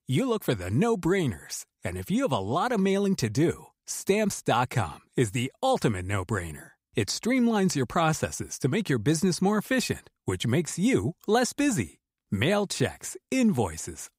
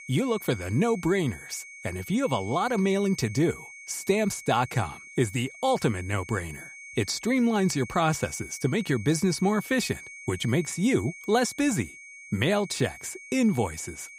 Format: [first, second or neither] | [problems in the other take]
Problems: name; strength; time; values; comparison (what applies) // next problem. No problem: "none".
first | high-pitched whine; noticeable; throughout; 2 kHz, 15 dB below the speech